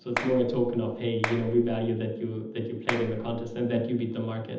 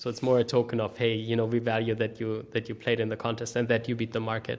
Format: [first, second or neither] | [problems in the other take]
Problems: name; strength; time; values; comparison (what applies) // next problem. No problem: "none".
second | background sound (Clapping); 9 dB below the speech // room echo; dies away in 0.8 s